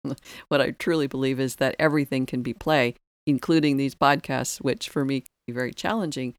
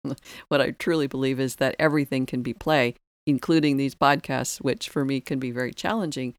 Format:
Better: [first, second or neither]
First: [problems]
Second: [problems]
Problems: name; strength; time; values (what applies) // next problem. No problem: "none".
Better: second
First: audio cutting out; at 5.5 s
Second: none